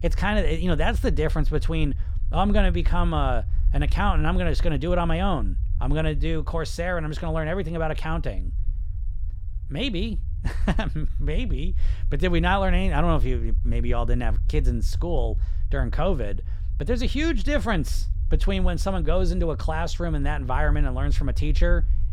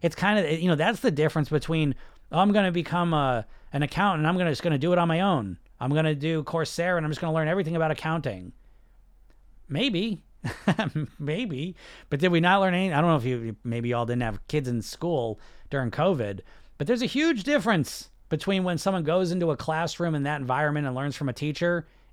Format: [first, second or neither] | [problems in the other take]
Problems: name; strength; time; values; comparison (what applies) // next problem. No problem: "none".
second | low rumble; faint; throughout; 20 dB below the speech